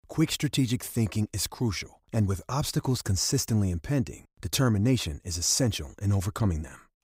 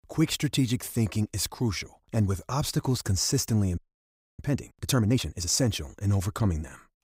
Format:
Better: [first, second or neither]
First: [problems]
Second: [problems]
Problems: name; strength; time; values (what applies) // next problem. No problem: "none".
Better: first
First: none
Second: audio freezing; at 4 s for 0.5 s